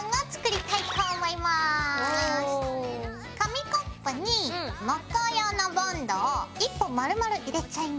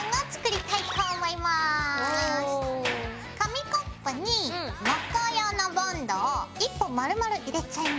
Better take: first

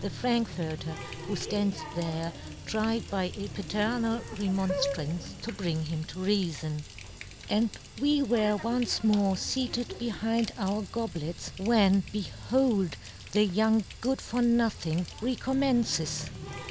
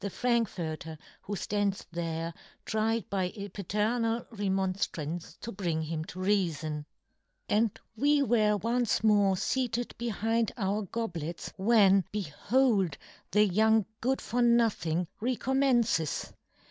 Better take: second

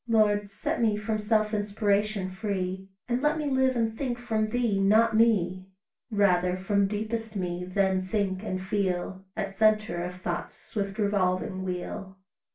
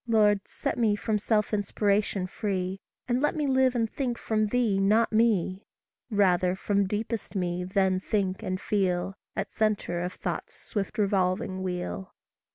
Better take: second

